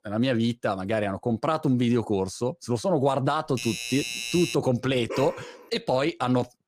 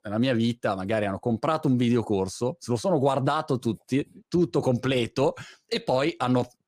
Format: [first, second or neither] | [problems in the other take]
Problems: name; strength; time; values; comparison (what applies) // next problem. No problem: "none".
second | doorbell; noticeable; from 3.5 to 4.5 s; peak 4 dB below the speech // dog barking; noticeable; at 5 s; peak 8 dB below the speech